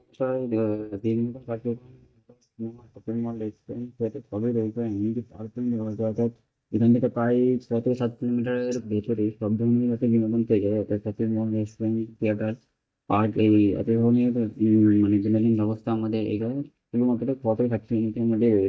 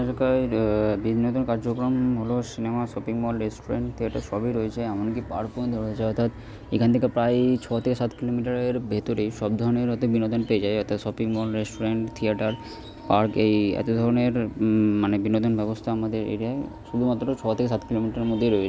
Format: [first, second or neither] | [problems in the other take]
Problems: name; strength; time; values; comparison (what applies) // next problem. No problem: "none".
second | noise reduction (neural mask model DeepFilterNet 3)